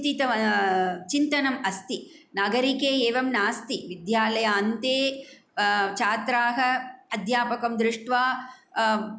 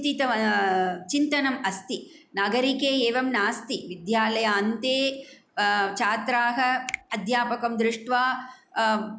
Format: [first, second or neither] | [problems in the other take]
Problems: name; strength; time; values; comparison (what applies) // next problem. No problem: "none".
first | background sound (Finger snapping); 16 dB below the speech